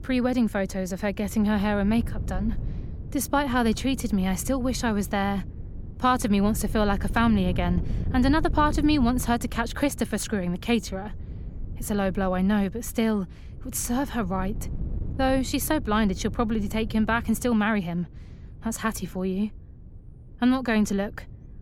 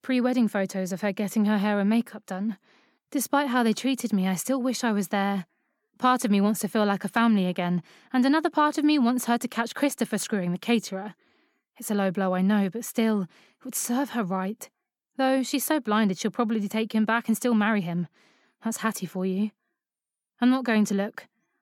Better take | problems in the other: second | wind noise on the microphone; occasional gusts; 20 dB below the speech

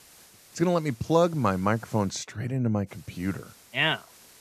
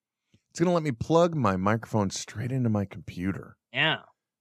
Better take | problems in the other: second | hiss; faint; until 2 s and from 3 s on; 25 dB below the speech

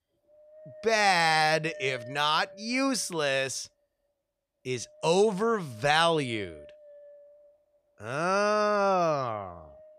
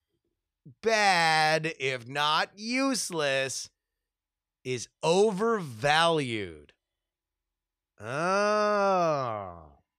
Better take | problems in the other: second | wind noise on the microphone; occasional gusts; 25 dB below the speech

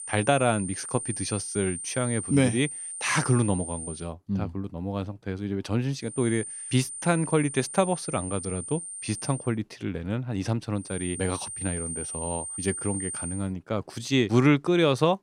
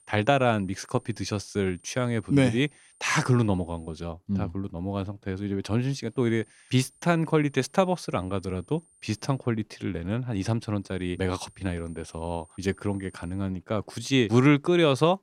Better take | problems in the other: second | high-pitched whine; loud; until 4 s, from 6 to 9.5 s and from 11 to 13 s; 9 kHz, 6 dB below the speech; faint in the second

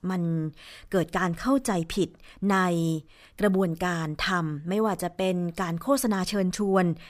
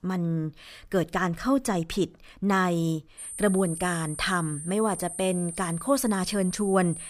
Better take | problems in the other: first | high-pitched whine; loud; from 3 s on; 9 kHz, 9 dB below the speech

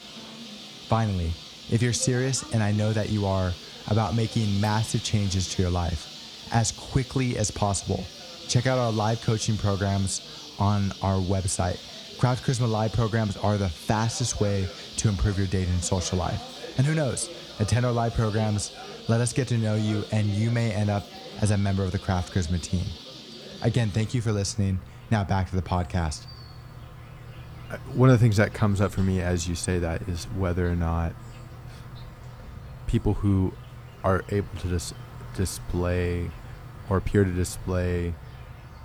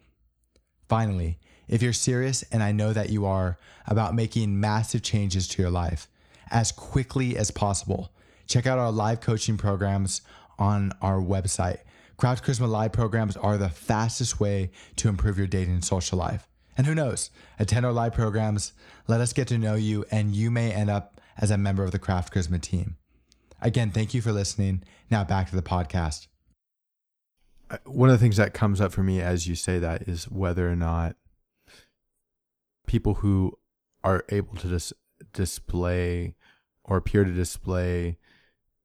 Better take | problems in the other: second | animal sounds; noticeable; throughout; 15 dB below the speech

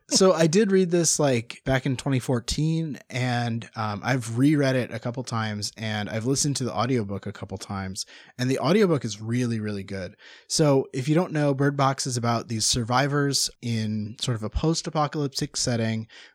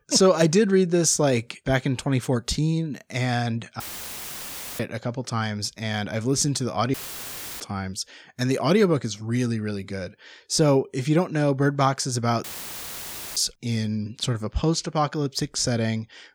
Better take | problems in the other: first | audio cutting out; filled with static; at 4 s for 1 s, at 7 s for 0.5 s and at 12 s for 1 s

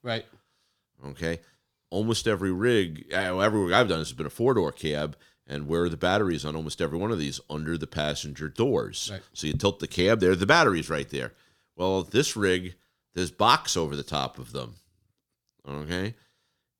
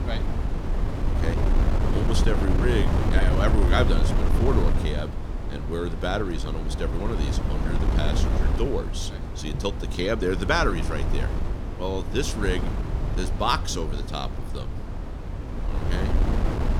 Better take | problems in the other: first | wind noise on the microphone; heavy; 5 dB below the speech

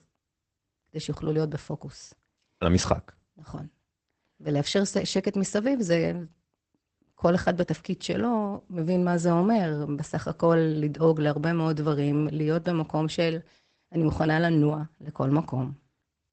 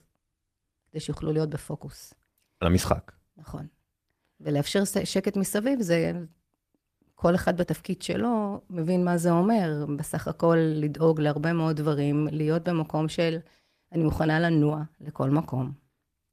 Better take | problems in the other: second | garbled, watery; badly; nothing above 8 kHz; slightly in the second

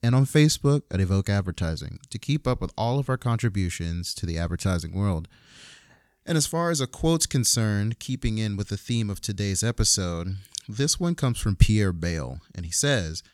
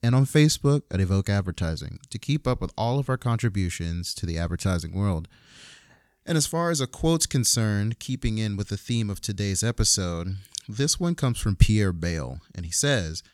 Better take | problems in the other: neither | none

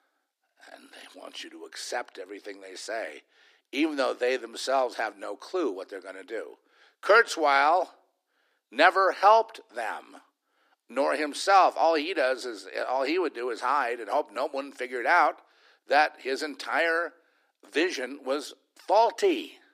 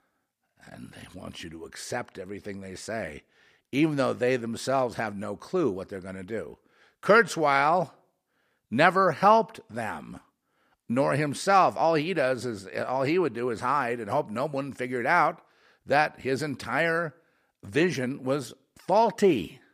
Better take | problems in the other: second | thin; somewhat; fading below 300 Hz

